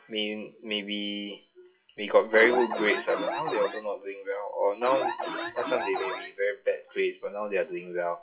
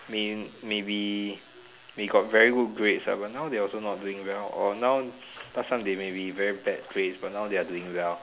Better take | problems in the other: second | noise reduction (classical method WPE with log-MMSE)

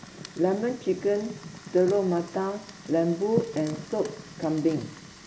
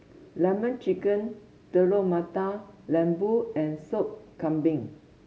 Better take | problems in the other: second | background sound (Fire); 13 dB below the speech

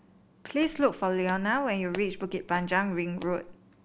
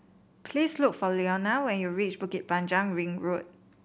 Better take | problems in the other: second | background sound (Walk, footsteps); 18 dB below the speech

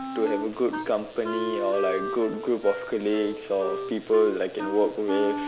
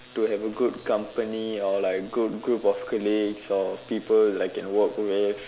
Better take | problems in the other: second | background sound (Wind instrument, woodwind instrument); 7 dB below the speech

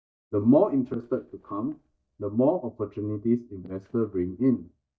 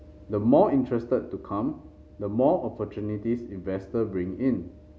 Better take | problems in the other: second | noise reduction (neural mask model DeepFilterNet 3)

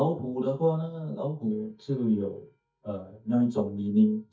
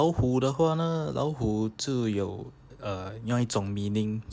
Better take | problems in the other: second | noise reduction (neural mask model DeepFilterNet 3)

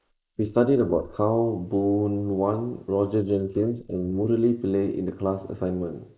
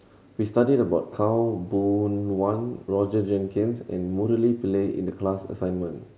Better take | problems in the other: second | noise reduction (neural mask model Resemble Enhance denoiser)

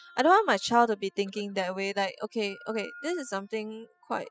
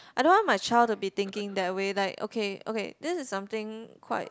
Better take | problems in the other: second | noise reduction (classical method spectral subtraction)

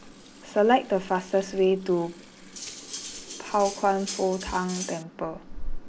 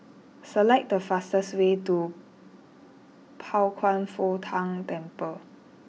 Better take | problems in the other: second | background sound (Cutlery, silverware + Sink (filling or washing) / Water tap, faucet); 10 dB below the speech

